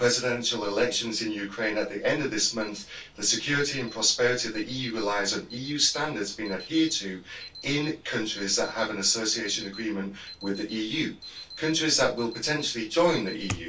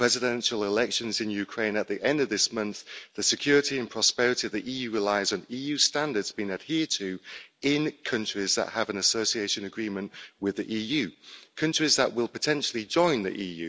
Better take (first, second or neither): second